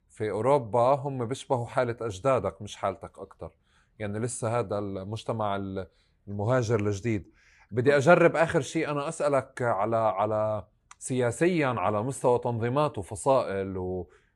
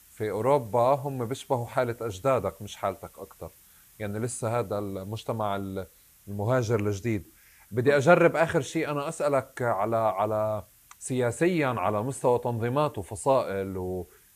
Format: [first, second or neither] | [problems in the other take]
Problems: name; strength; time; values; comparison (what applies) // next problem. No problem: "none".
first | hiss; faint; throughout; 25 dB below the speech